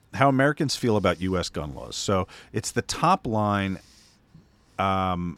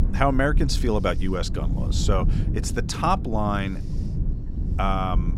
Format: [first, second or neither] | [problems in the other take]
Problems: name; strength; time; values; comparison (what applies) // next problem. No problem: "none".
first | wind noise on the microphone; occasional gusts; 15 dB below the speech